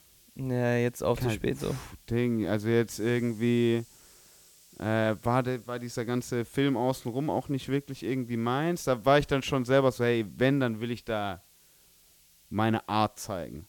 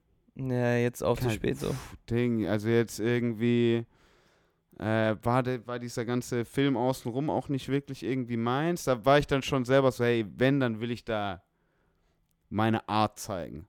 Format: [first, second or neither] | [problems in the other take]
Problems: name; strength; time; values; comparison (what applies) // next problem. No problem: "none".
second | hiss; faint; throughout; 25 dB below the speech